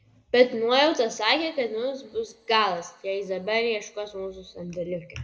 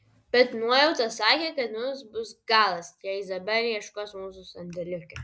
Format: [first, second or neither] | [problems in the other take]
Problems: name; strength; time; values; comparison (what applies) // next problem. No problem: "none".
second | room echo; dies away in 1.2 s